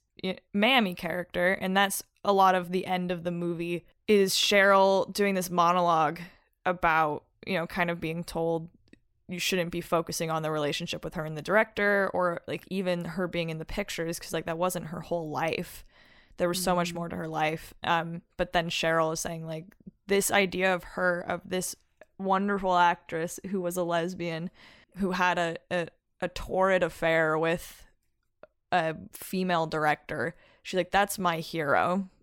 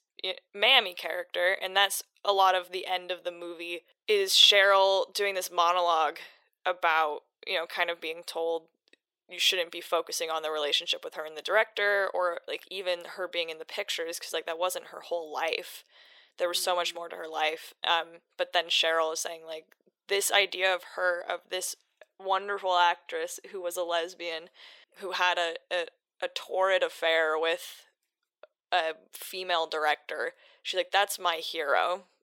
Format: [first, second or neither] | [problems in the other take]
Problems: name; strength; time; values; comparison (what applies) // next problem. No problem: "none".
first | thin; very; fading below 450 Hz